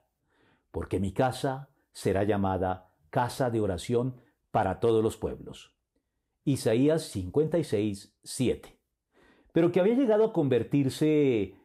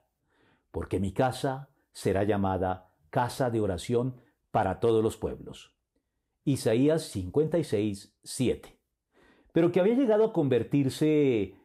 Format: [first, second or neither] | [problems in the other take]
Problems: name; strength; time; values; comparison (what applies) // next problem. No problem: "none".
neither | none